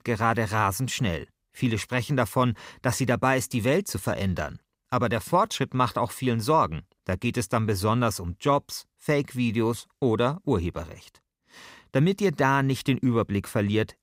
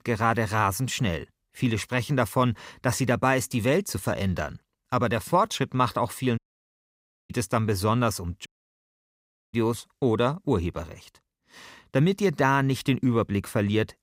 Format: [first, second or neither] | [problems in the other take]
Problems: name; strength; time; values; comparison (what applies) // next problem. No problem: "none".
first | audio cutting out; at 6.5 s for 1 s and at 8.5 s for 1 s